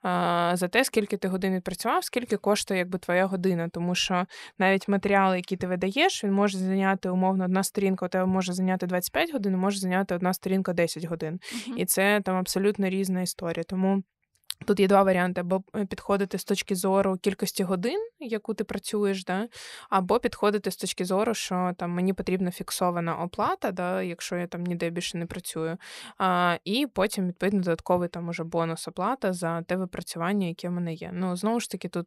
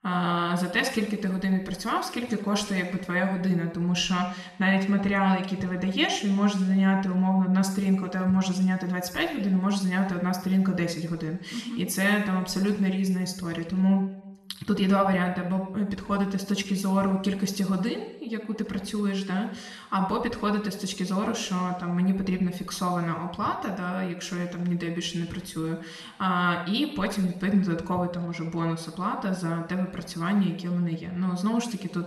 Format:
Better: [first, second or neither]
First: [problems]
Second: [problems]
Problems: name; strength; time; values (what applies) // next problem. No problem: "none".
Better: first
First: none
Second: room echo; slight; dies away in 0.9 s // off-mic speech; somewhat distant